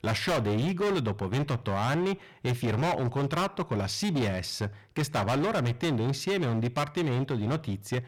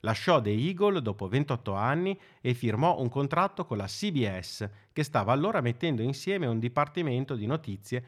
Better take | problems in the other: second | distortion; heavy; 25% of the sound clipped

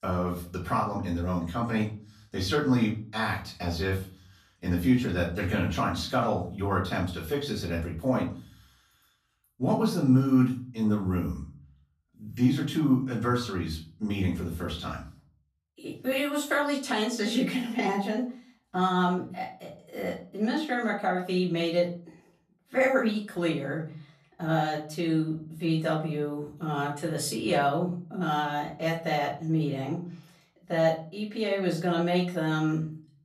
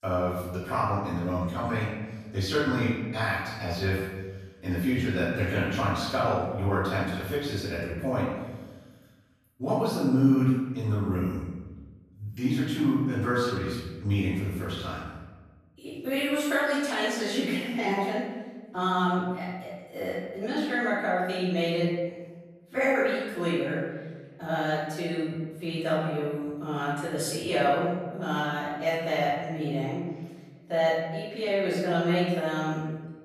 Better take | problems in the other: first | room echo; strong; dies away in 1.2 s; slight in the first // off-mic speech; far; far in the first

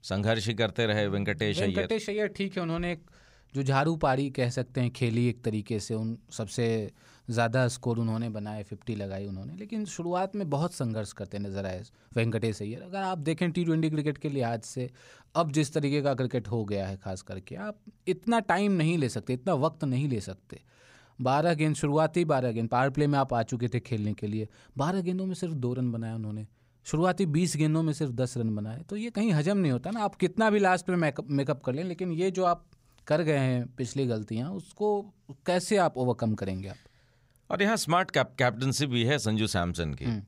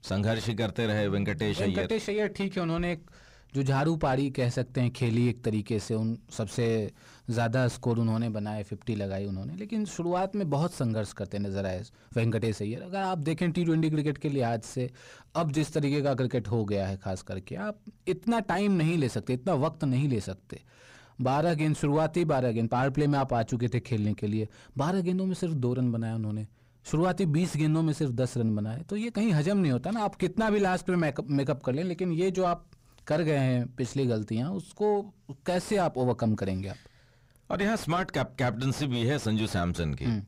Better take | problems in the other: first | distortion; slight; 10 dB below the speech

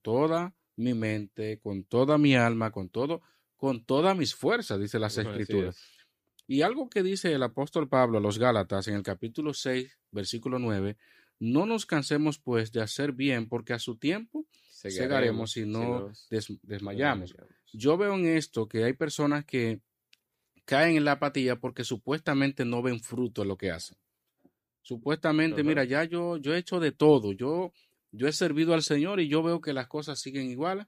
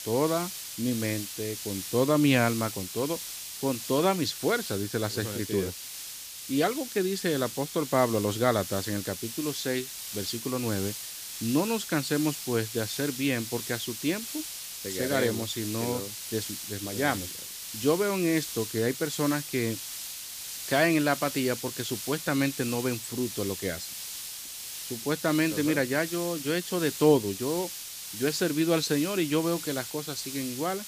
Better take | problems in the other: first | hiss; loud; throughout; 7 dB below the speech

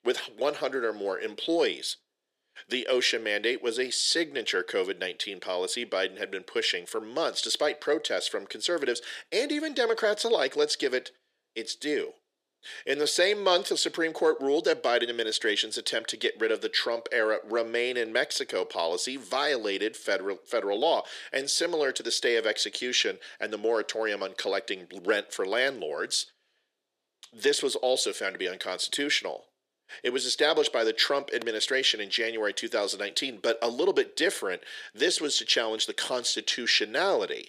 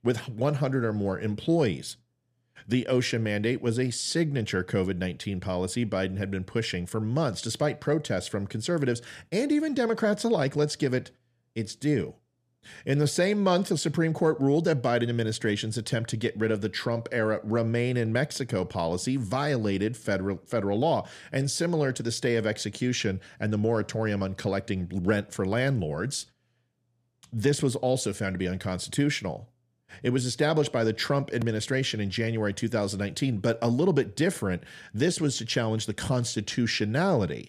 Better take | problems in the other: second | thin; very; fading below 400 Hz

